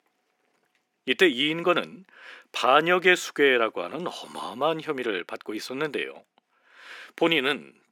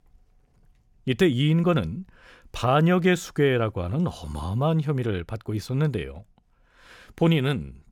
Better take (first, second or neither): second